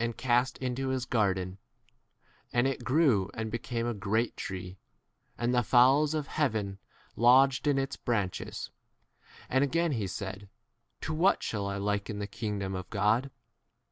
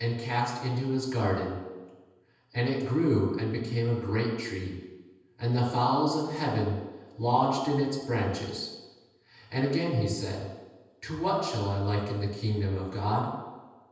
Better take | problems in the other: first | room echo; dies away in 1.1 s

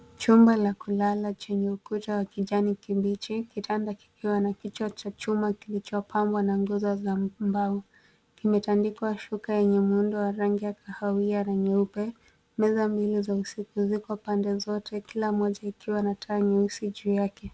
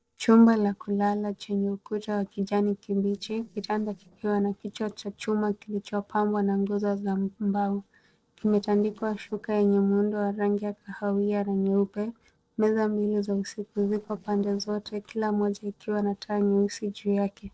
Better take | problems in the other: first | noise reduction (neural separator model SepFormer DNS4)

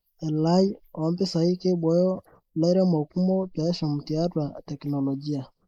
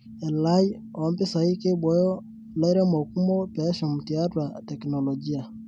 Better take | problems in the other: second | noise reduction (neural mask model Resemble Enhance denoiser)

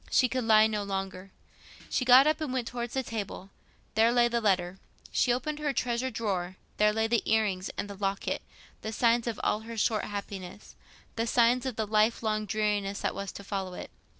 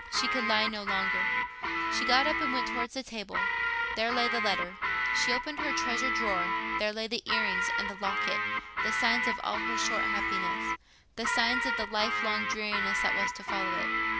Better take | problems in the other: first | background sound (Guitar); 3 dB above the speech

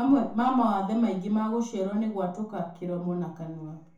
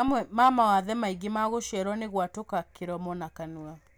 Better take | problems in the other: second | room echo; dies away in 0.6 s

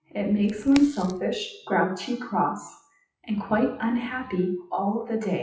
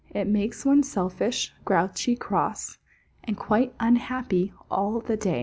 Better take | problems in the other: second | noise reduction (classical method WPE with log-MMSE)

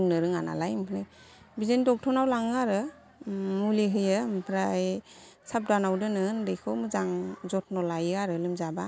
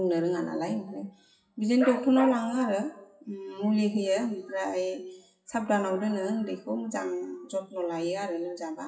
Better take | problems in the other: first | noise reduction (classical method WPE with log-MMSE)

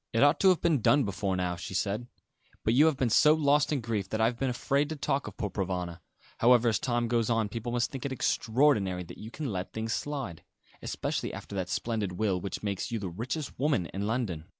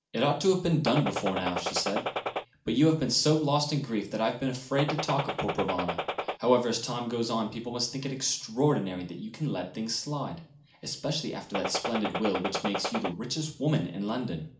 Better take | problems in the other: first | background sound (Gunshot, gunfire); 3 dB below the speech // room echo; dies away in 0.4 s

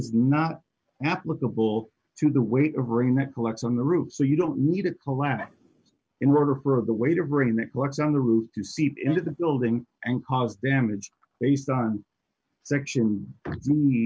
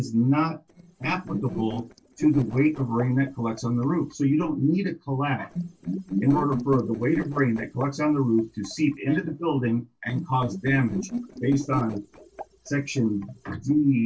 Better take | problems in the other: first | noise reduction (neural separator model SepFormer DNS4)

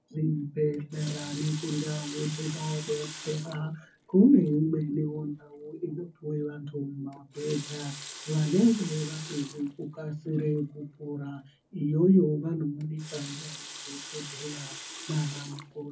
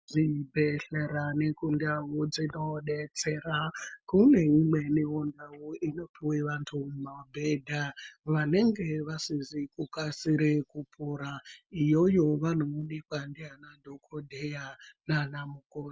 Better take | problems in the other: second | background sound (Water tap, faucet); 16 dB below the speech // room echo; dies away in 0.3 s

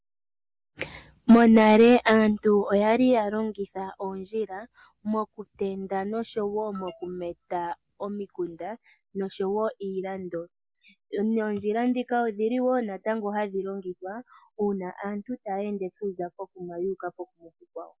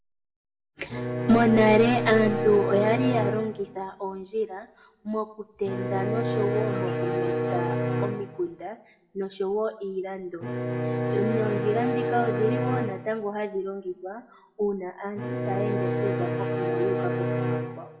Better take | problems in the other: first | background sound (Bowed string instrument); 2 dB below the speech // room echo; dies away in 0.5 s

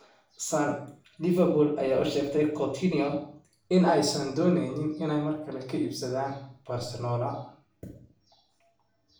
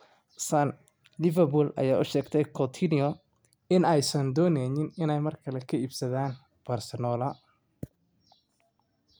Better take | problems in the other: second | room echo; dies away in 0.5 s

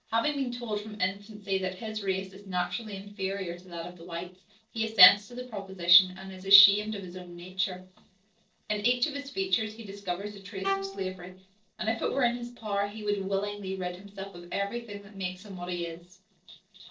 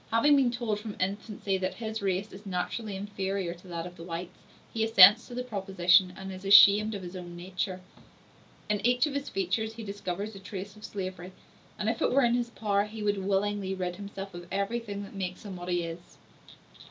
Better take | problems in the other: second | noise reduction (neural separator model SepFormer DNS4)

